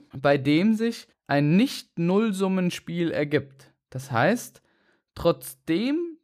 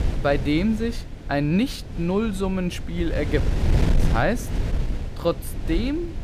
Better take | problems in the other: first | wind noise on the microphone; occasional gusts; 10 dB below the speech

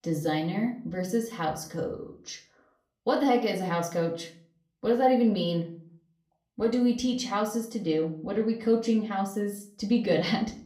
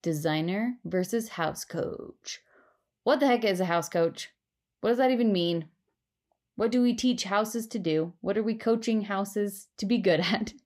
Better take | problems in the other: second | off-mic speech; far // room echo; slight; dies away in 0.4 s

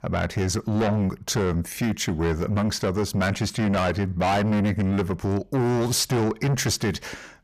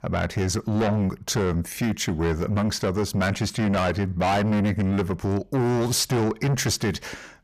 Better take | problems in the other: neither | distortion; heavy; 7 dB below the speech; the same in both

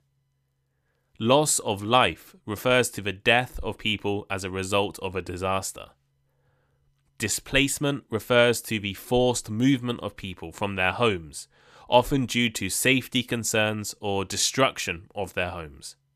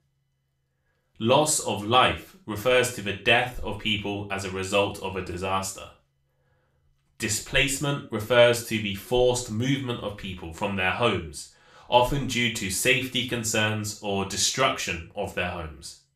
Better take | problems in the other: first | room echo; slight; dies away in 0.4 s // off-mic speech; somewhat distant

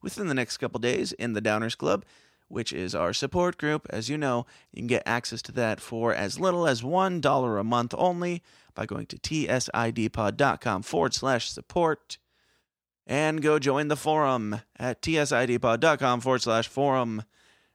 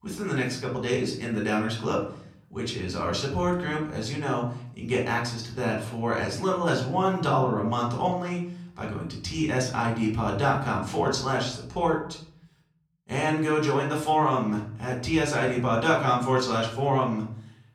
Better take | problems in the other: first | off-mic speech; somewhat distant // room echo; slight; dies away in 0.7 s

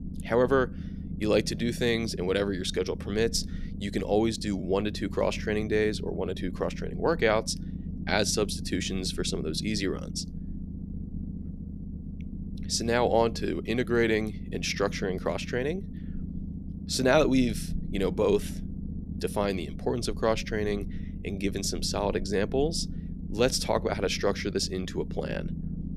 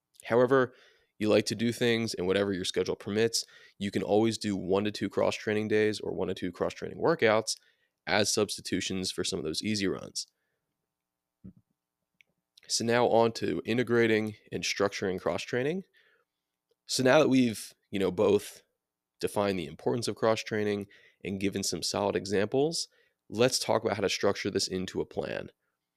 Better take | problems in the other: second | low rumble; noticeable; throughout; 15 dB below the speech

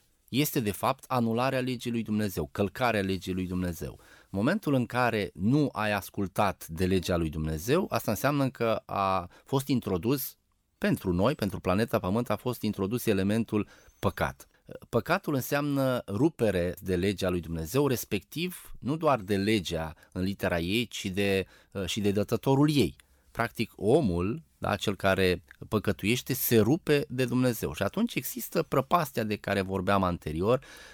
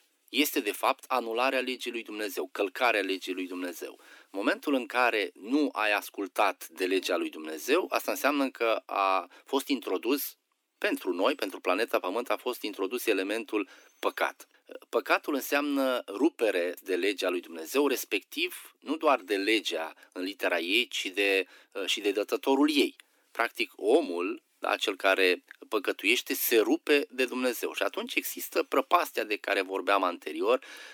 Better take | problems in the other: first | thin; very slightly; fading below 250 Hz

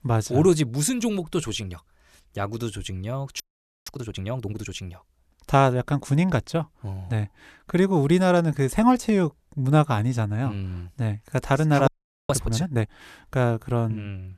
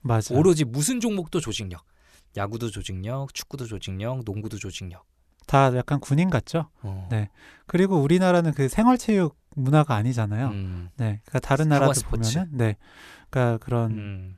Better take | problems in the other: second | audio freezing; at 3.5 s and at 12 s

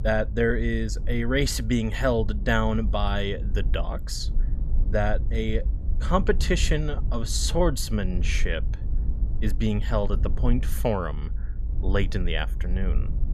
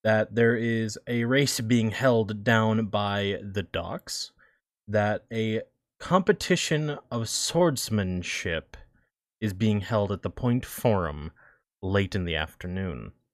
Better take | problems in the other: second | low rumble; noticeable; throughout; 20 dB below the speech

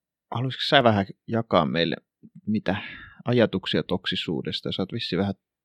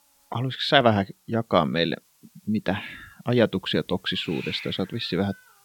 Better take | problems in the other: first | hiss; noticeable; throughout; 15 dB below the speech

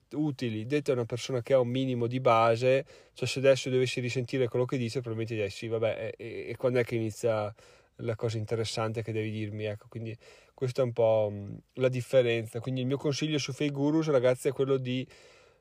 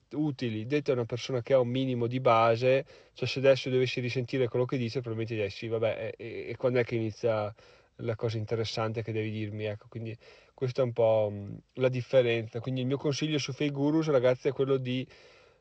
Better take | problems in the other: first | garbled, watery; slightly; nothing above 8 kHz

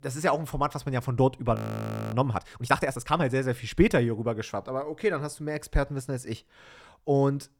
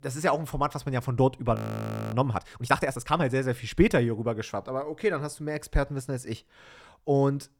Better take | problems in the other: neither | audio freezing; at 1.5 s for 0.5 s; the same in both

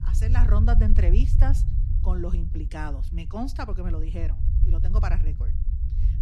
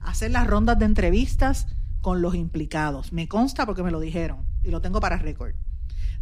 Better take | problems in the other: second | low rumble; loud; throughout; 7 dB below the speech; faint in the second

